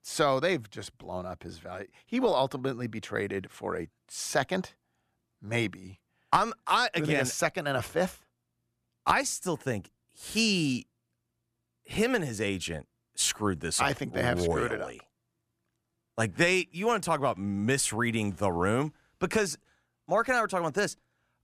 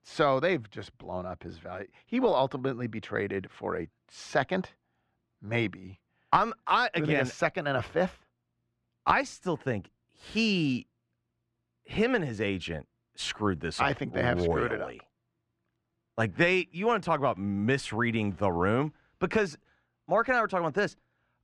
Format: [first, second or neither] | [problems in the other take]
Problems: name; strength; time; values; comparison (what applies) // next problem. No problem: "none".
first | muffled; slightly; fading above 3.5 kHz